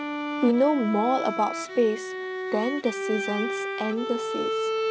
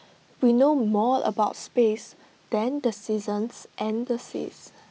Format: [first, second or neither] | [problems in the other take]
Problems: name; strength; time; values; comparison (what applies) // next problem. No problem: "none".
second | background sound (Bowed string instrument); 4 dB below the speech